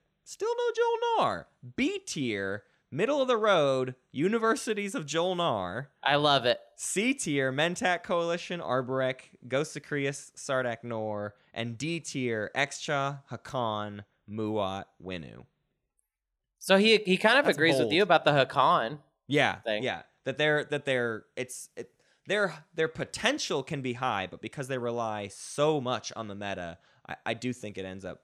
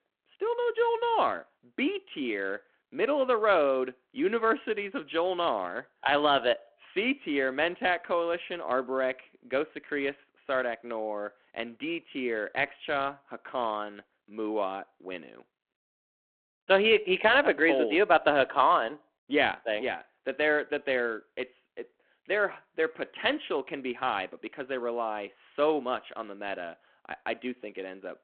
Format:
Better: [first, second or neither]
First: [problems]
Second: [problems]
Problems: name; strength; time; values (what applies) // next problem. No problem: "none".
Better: first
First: none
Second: phone-call audio